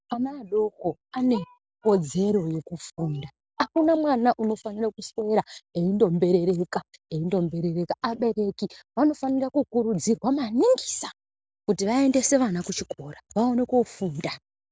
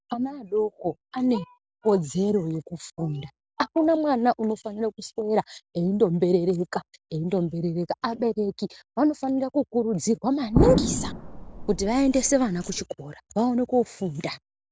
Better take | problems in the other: first | background sound (Explosion); 1 dB below the speech

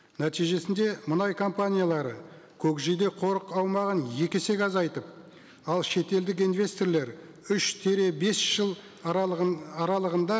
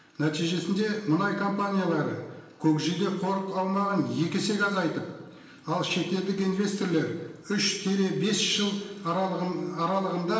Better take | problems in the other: first | room echo; dies away in 0.9 s

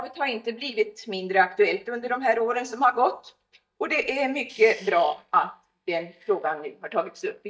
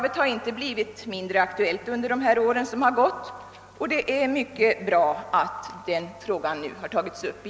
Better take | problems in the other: second | noise reduction (neural mask model DeepFilterNet 3)

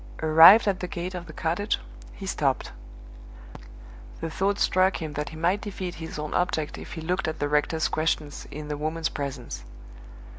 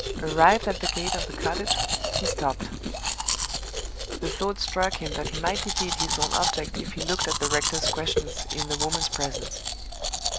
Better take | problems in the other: first | background sound (Domestic sounds, home sounds); as loud as the speech

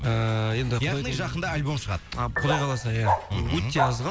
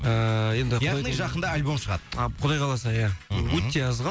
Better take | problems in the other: second | background sound (Bark + Piano); 6 dB below the speech

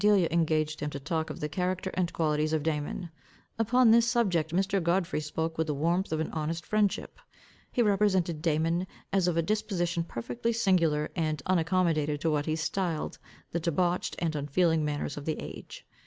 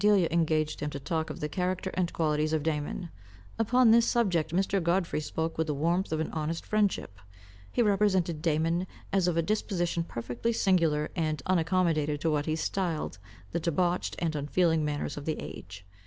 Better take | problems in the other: first | background sound (Mechanical fan); 19 dB below the speech

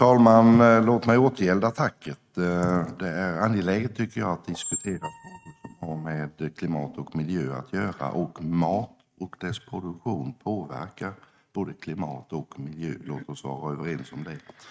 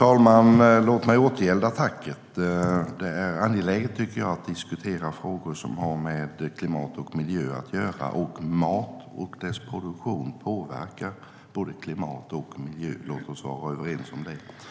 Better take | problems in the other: second | noise reduction (neural mask model RNNoise)

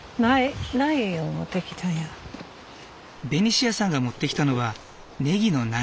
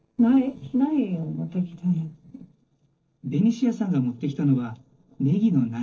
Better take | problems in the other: first | noise reduction (neural separator model SepFormer DNS4)

